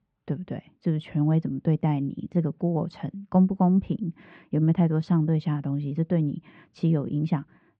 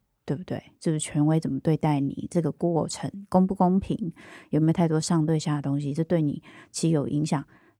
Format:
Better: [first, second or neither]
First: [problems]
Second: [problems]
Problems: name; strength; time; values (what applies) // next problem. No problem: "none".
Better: second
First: muffled; slightly; fading above 3.5 kHz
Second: none